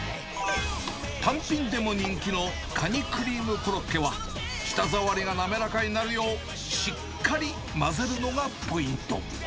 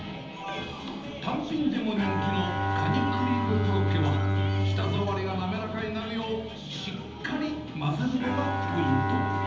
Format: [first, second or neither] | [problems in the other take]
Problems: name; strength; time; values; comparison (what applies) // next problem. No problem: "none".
first | background sound (Bowed string instrument); as loud as the speech // room echo; dies away in 0.9 s